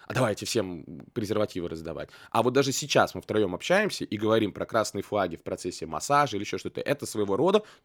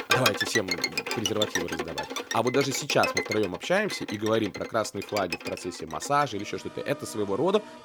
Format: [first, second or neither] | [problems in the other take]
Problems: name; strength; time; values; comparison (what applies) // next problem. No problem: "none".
first | background music; loud; throughout; 2 dB below the speech